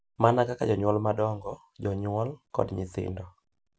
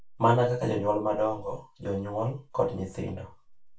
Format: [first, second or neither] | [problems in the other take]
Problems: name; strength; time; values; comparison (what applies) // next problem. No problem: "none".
first | room echo; dies away in 0.2 s